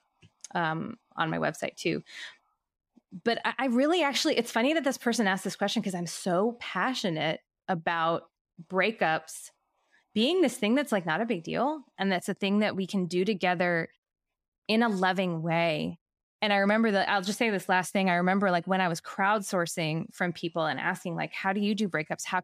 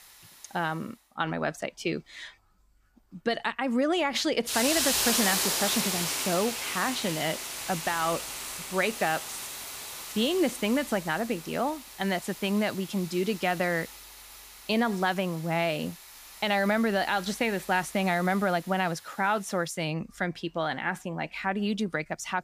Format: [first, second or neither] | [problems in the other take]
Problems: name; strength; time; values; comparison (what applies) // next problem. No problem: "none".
first | hiss; loud; throughout; 3 dB below the speech